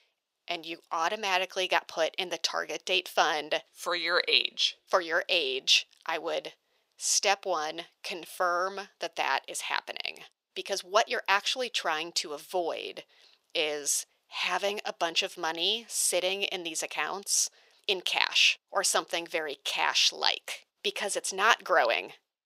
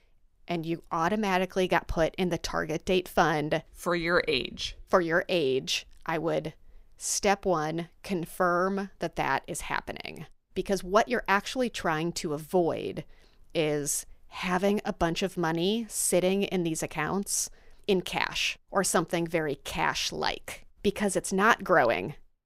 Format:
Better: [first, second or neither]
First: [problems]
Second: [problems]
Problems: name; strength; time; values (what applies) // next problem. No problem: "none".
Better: second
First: thin; very; fading below 600 Hz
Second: none